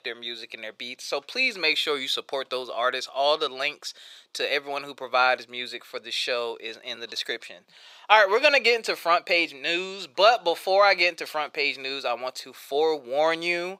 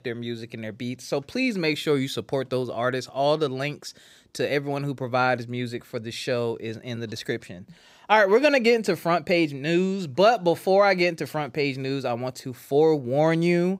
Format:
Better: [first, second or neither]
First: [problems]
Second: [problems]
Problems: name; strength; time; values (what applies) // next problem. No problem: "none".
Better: second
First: thin; very; fading below 650 Hz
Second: none